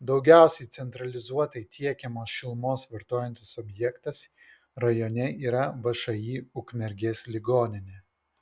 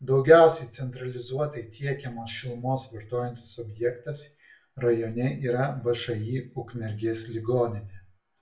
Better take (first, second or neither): first